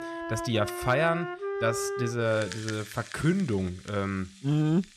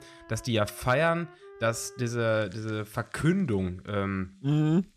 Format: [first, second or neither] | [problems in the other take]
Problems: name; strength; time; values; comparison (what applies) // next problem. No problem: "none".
second | background music; loud; throughout; 7 dB below the speech; faint in the second